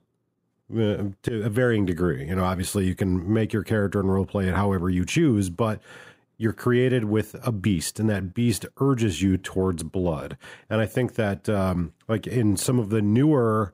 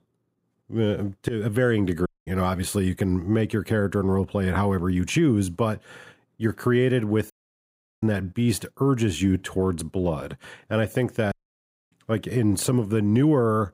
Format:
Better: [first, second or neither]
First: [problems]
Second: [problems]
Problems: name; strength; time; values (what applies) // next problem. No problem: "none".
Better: first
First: none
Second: audio cutting out; at 2 s, at 7.5 s for 0.5 s and at 11 s for 0.5 s